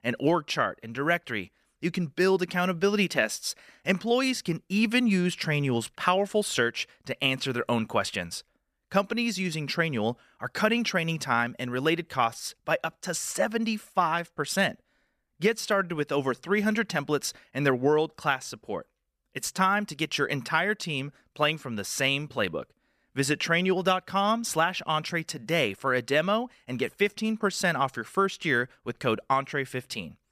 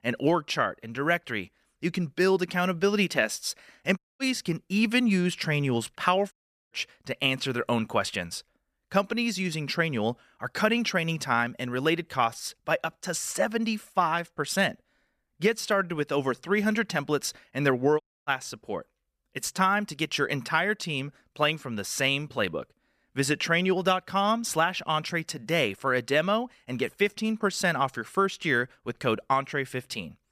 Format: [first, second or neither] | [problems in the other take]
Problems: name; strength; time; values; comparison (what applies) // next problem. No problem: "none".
first | audio cutting out; at 4 s, at 6.5 s and at 18 s